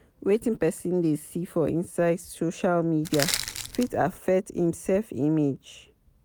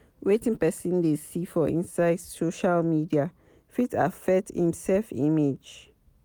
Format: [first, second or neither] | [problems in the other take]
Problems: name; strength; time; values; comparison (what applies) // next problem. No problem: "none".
second | background sound (Crushing); 6 dB below the speech